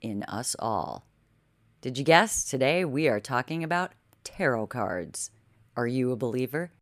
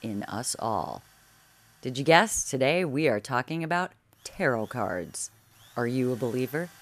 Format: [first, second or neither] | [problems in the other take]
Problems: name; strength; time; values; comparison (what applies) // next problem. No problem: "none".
first | machinery noise; faint; throughout; 25 dB below the speech